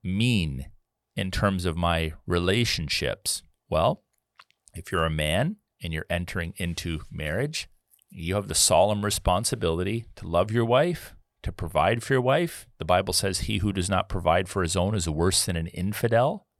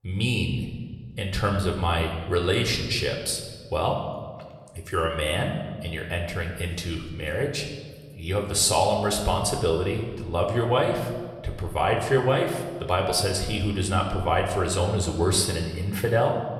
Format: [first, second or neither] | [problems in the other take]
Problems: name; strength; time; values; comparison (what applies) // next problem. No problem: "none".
first | room echo; slight; dies away in 1.2 s